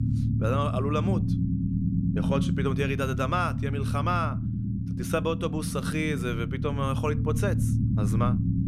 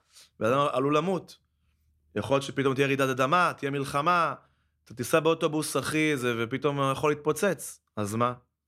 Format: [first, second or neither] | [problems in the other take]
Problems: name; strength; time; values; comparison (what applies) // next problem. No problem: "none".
second | low rumble; loud; throughout; 8 dB below the speech